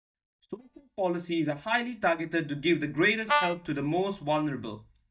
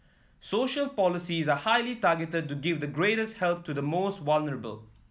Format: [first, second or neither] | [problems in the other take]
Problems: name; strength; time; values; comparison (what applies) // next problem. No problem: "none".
second | noise reduction (neural mask model DeepFilterNet 3)